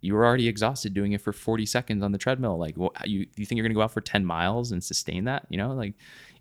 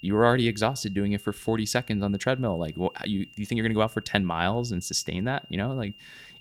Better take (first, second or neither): first